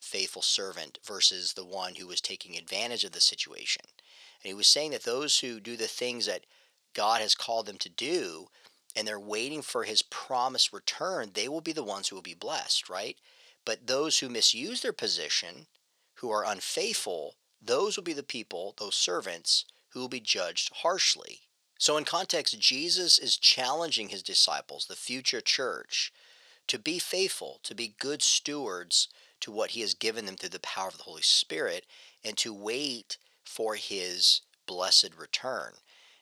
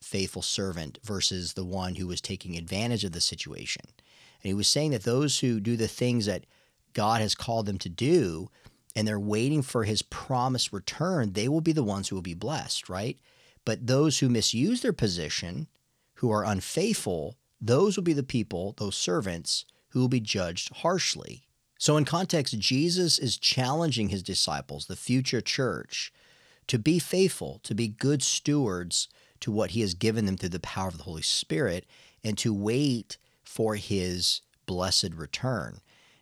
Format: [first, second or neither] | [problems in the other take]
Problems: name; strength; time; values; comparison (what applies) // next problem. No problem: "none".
second | thin; very; fading below 550 Hz